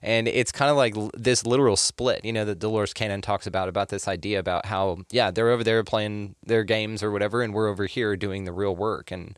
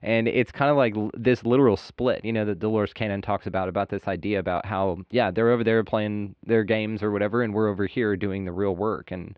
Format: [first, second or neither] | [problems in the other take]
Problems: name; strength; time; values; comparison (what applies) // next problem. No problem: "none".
first | muffled; very; fading above 3 kHz